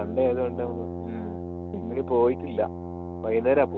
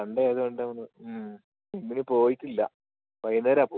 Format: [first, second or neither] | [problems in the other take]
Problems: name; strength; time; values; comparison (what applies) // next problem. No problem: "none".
second | background sound (Brass instrument); 8 dB below the speech